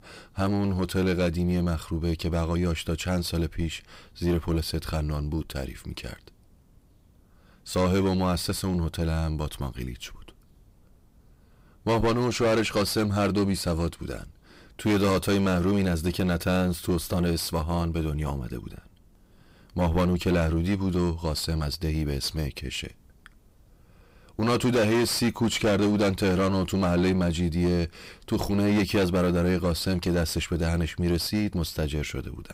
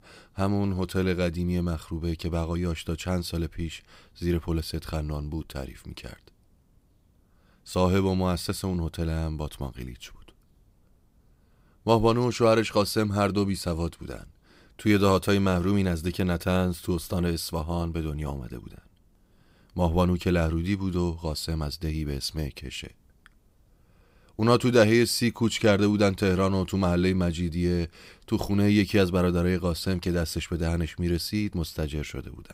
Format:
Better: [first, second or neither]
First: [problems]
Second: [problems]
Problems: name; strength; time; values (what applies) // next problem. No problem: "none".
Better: second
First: distortion; heavy; 7 dB below the speech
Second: none